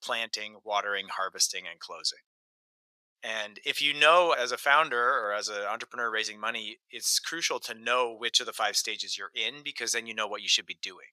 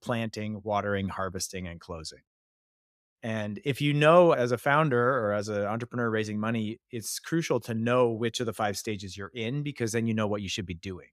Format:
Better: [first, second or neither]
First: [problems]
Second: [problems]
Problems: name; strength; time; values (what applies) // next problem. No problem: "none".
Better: second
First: thin; very; fading below 800 Hz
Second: none